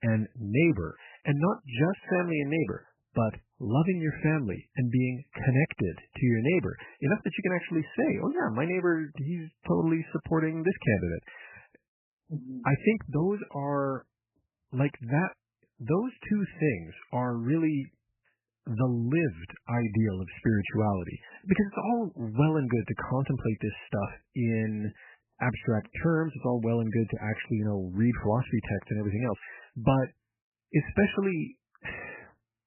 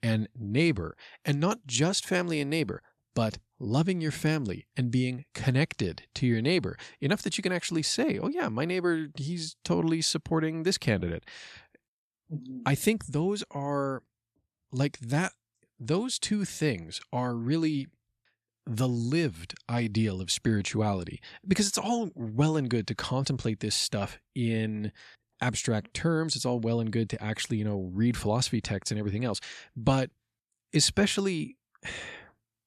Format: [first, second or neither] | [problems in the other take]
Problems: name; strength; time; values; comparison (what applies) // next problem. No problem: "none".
second | garbled, watery; badly; nothing above 3 kHz